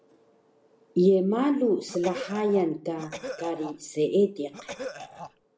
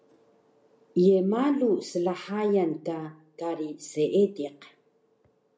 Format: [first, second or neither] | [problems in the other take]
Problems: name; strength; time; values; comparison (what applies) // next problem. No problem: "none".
second | background sound (Cough); 12 dB below the speech